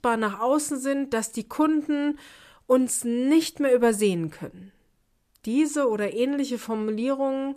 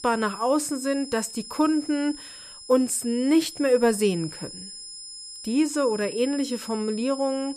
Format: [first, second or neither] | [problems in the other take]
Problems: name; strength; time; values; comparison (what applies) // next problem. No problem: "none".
first | high-pitched whine; noticeable; throughout; 5 kHz, 15 dB below the speech